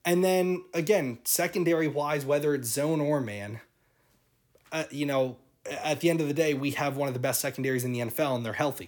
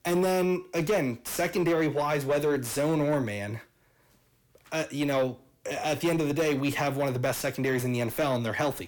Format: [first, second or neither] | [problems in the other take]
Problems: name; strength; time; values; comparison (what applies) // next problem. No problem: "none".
first | distortion; slight; 10 dB below the speech